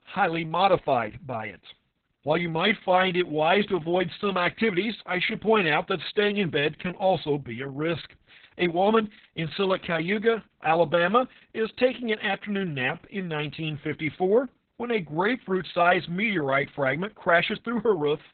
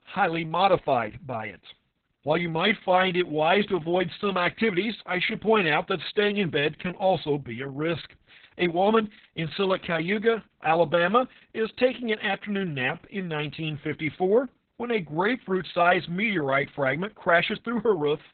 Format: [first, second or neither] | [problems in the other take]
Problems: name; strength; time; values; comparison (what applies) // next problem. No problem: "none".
neither | garbled, watery; badly; nothing above 4 kHz; the same in both